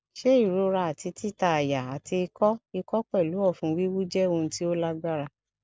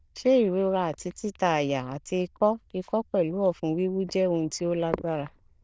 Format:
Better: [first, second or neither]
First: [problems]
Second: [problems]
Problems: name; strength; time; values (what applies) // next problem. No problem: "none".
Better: first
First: none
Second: noise reduction (neural diffusion model UNIVERSE++)